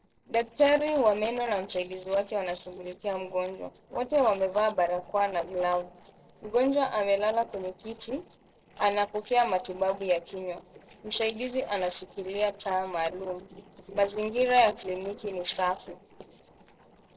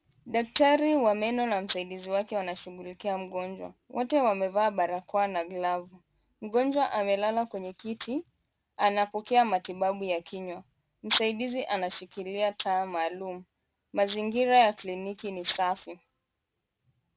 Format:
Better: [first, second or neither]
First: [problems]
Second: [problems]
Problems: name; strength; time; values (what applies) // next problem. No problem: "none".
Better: second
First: noise reduction (neural separator model SepFormer DNS4)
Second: none